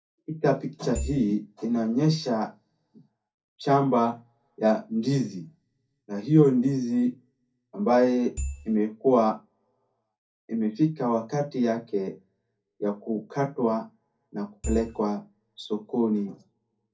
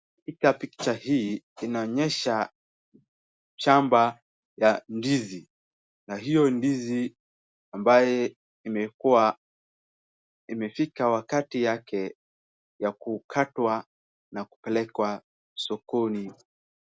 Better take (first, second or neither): second